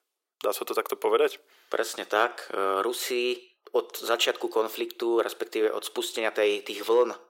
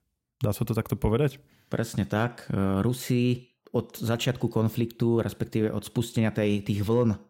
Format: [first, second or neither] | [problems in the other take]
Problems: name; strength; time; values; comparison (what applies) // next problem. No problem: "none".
second | thin; very; fading below 400 Hz